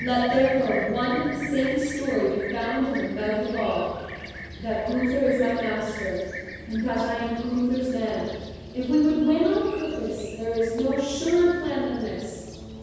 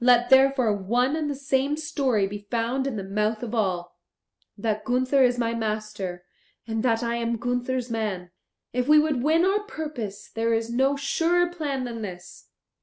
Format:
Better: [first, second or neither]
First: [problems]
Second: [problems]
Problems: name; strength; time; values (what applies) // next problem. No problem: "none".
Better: second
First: background sound (Fixed-wing aircraft, airplane); 12 dB below the speech // room echo; dies away in 1.2 s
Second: none